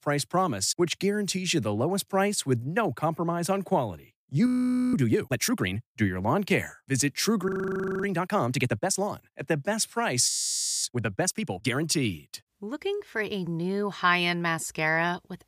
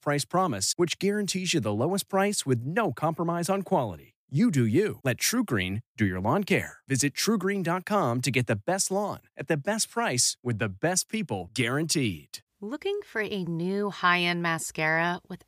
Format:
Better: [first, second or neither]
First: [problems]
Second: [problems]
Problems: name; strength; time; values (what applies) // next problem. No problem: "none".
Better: second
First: audio freezing; at 4.5 s, at 7.5 s for 0.5 s and at 10 s for 0.5 s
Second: none